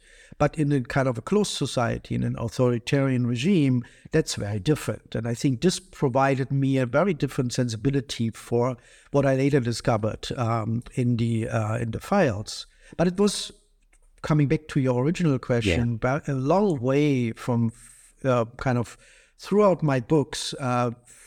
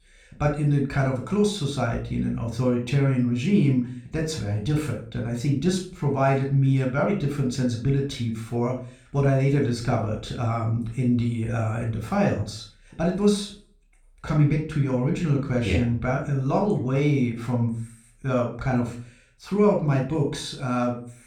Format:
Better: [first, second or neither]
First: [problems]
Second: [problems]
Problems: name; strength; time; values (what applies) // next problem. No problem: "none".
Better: first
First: none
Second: off-mic speech; somewhat distant // room echo; slight; dies away in 0.4 s